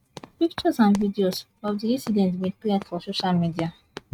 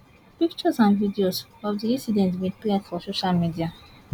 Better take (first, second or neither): second